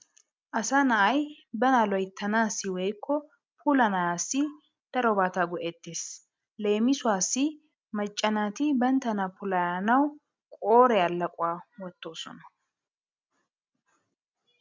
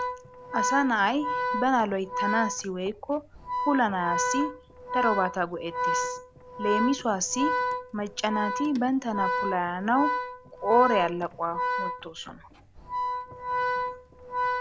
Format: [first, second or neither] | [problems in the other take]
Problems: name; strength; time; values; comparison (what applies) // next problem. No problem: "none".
first | background sound (Organ); 2 dB below the speech